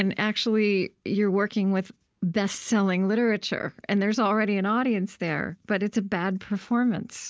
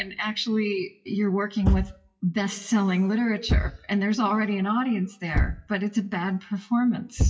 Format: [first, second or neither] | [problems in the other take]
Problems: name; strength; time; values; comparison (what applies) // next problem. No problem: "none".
first | noise reduction (classical method WPE with log-MMSE)